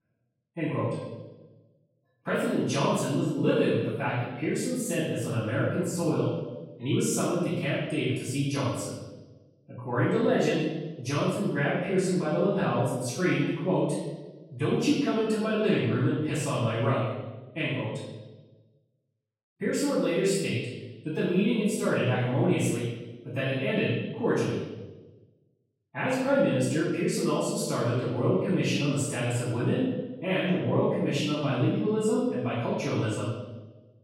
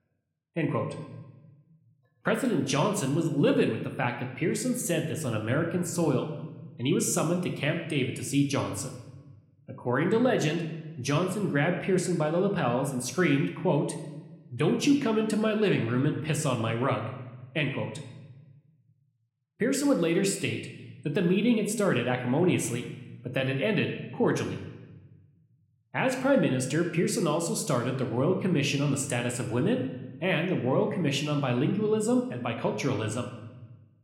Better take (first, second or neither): second